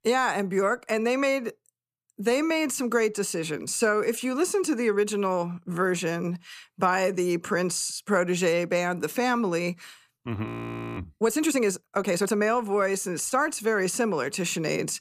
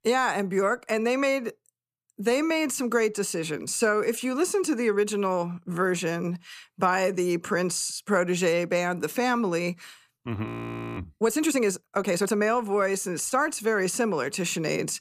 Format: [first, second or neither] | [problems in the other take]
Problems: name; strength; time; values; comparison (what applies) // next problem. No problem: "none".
neither | audio freezing; at 10 s for 0.5 s; the same in both